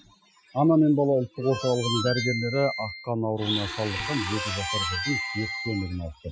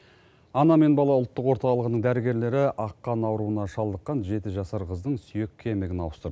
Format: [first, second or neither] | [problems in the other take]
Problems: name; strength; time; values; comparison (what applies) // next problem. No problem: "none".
second | noise reduction (classical method Wiener filter)